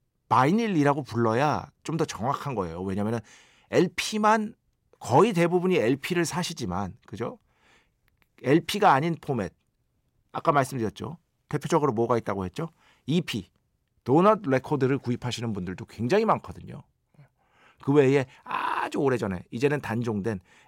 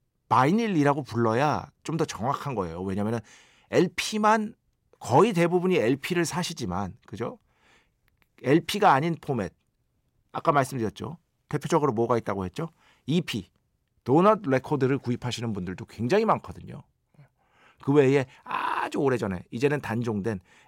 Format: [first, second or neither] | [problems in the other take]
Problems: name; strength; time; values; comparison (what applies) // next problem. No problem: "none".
neither | none